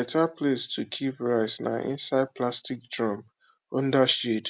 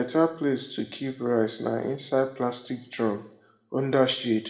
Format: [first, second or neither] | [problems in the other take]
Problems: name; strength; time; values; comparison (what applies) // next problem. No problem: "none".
first | room echo; dies away in 0.7 s